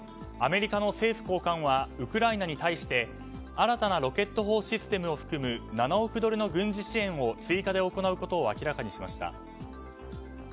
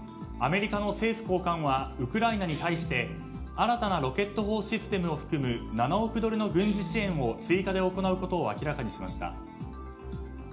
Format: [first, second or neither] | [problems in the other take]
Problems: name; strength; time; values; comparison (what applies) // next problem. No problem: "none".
first | background sound (Guitar); 15 dB below the speech // room echo; dies away in 0.4 s